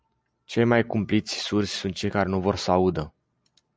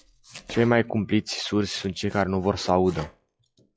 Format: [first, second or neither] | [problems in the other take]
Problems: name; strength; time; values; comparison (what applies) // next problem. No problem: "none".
first | noise reduction (classical method log-MMSE)